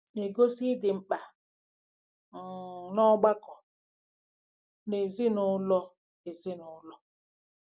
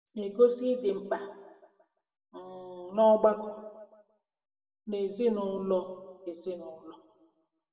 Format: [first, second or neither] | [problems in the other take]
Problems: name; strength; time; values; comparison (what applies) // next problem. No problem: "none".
first | room echo; dies away in 1 s